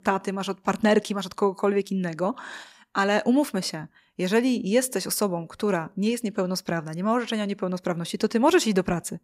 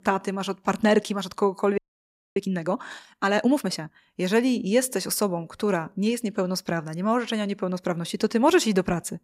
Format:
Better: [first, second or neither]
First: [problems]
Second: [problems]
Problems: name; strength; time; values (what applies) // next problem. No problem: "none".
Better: first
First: none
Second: audio freezing; at 2 s for 0.5 s